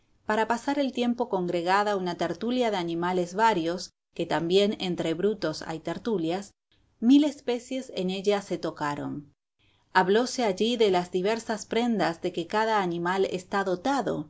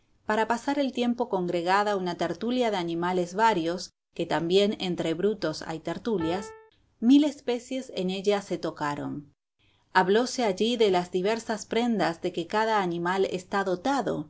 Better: first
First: none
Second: background sound (Piano); 13 dB below the speech

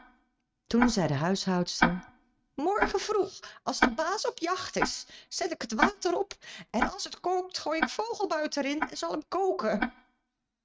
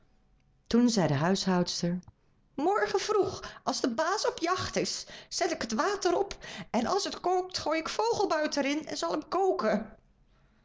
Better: second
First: noise reduction (neural mask model RNNoise)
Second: none

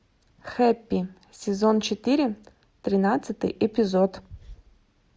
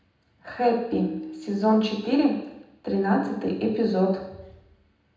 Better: first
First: none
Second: background sound (Tabla); 13 dB below the speech // room echo; dies away in 0.8 s

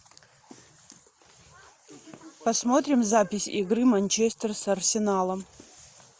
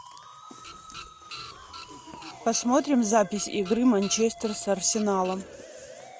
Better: first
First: none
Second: background sound (Printer + Musical instrument); 16 dB below the speech

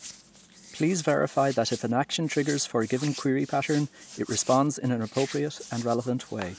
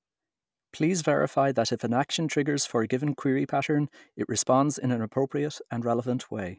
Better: second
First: background sound (Hands); 17 dB below the speech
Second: none

